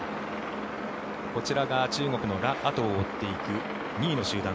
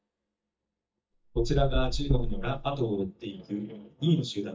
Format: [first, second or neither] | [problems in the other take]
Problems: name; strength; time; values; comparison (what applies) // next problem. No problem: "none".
first | noise reduction (neural mask model DeepFilterNet 3)